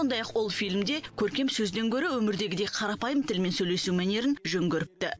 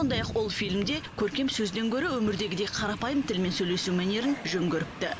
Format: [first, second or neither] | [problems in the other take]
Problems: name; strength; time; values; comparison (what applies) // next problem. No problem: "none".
first | background sound (Train); 11 dB below the speech